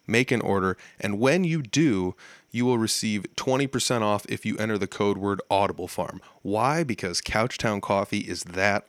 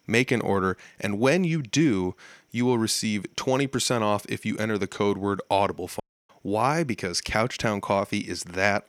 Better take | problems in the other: first | audio cutting out; at 6 s

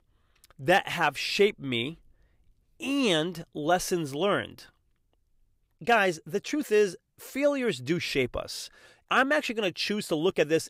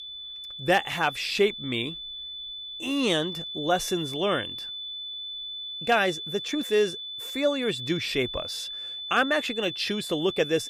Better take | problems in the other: first | high-pitched whine; loud; throughout; 3.5 kHz, 7 dB below the speech

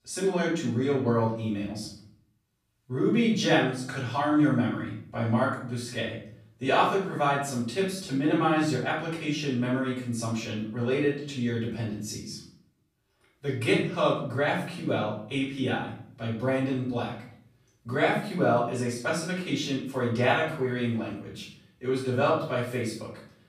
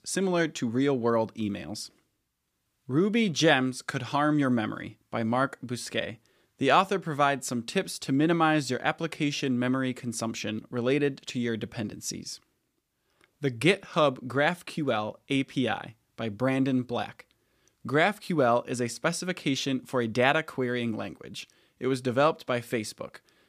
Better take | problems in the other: second | off-mic speech; far // room echo; noticeable; dies away in 0.6 s

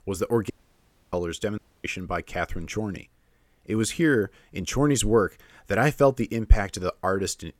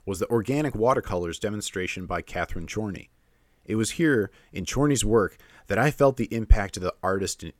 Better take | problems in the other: second | audio cutting out; at 0.5 s for 0.5 s and at 1.5 s

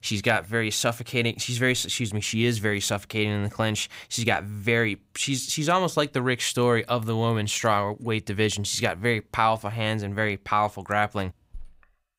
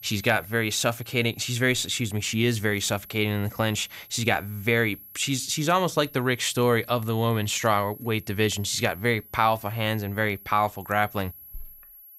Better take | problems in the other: first | high-pitched whine; noticeable; throughout; 11.5 kHz, 20 dB below the speech

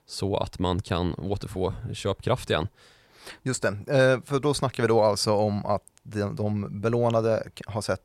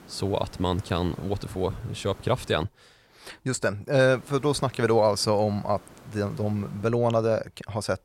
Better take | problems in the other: first | hiss; faint; until 2.5 s and from 4 to 7 s; 25 dB below the speech

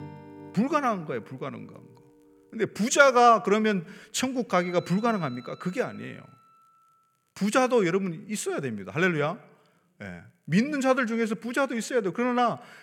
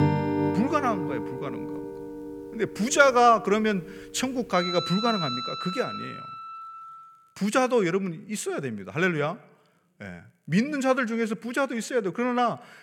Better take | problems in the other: first | background music; loud; until 7 s; 7 dB below the speech; faint in the first

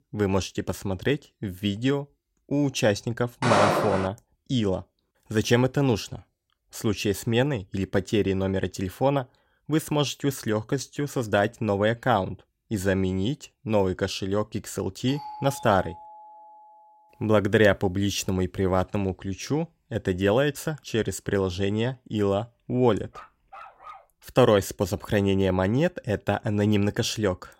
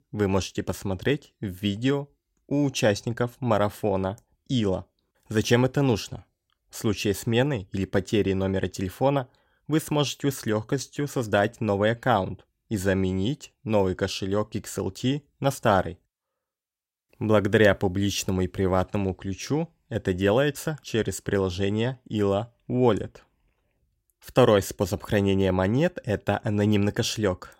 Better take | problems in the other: second | footsteps; loud; at 3.5 s; peak 4 dB above the speech // doorbell; faint; from 15 to 17 s; peak 15 dB below the speech // dog barking; faint; at 23 s; peak 15 dB below the speech

